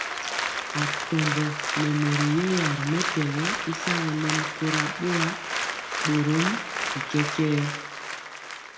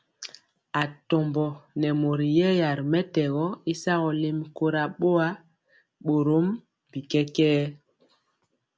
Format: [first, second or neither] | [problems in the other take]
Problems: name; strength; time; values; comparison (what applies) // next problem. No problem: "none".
second | background sound (Applause); 2 dB below the speech // room echo; dies away in 1.2 s